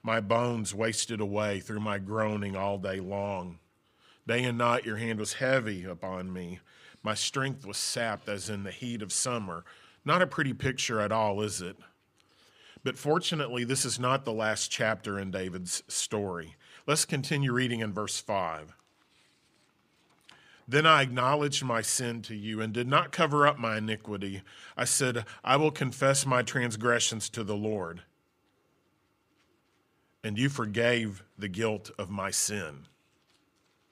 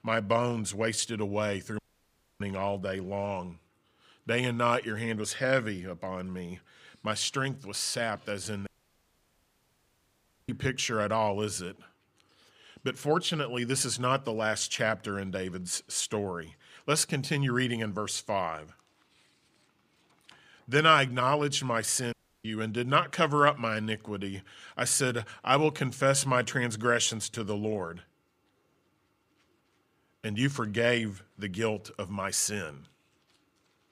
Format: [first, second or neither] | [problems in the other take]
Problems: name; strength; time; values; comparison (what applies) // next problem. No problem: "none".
first | audio cutting out; at 2 s for 0.5 s, at 8.5 s for 2 s and at 22 s